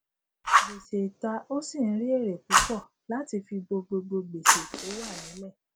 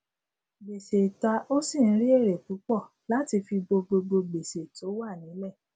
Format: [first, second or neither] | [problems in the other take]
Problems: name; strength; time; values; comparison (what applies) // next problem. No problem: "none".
second | background sound (Fire); 2 dB above the speech